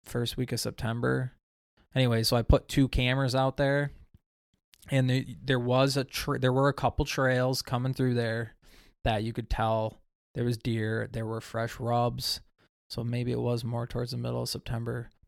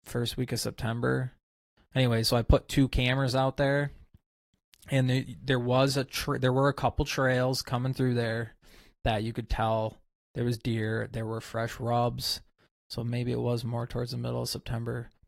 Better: first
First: none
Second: garbled, watery; slightly; nothing above 13.5 kHz

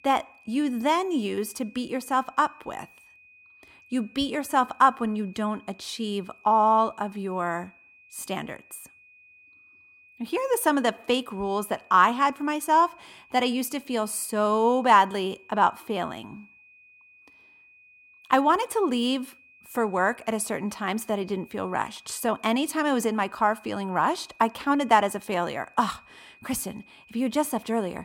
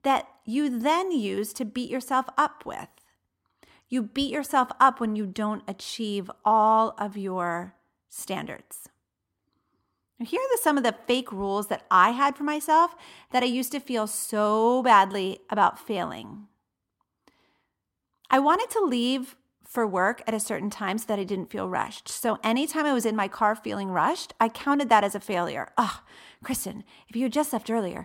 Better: second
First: high-pitched whine; faint; throughout; 2.5 kHz, 25 dB below the speech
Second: none

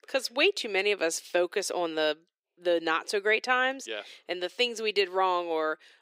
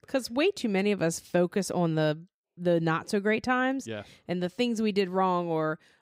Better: second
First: thin; very; fading below 400 Hz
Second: none

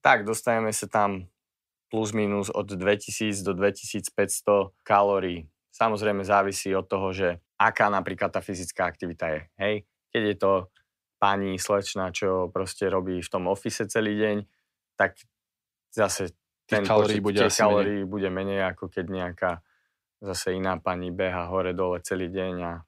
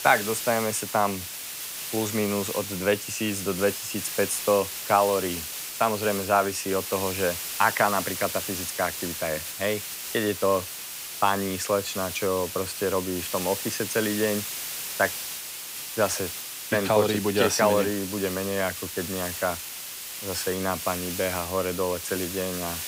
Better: first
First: none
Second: hiss; loud; throughout; 5 dB below the speech

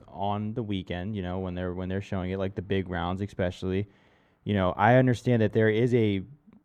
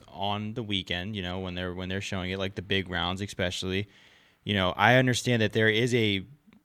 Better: second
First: muffled; slightly; fading above 2 kHz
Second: none

